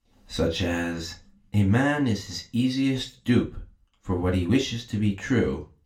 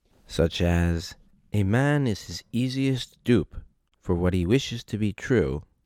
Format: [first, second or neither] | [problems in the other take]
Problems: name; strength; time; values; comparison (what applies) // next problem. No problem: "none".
second | room echo; very slight; dies away in 0.3 s // off-mic speech; somewhat distant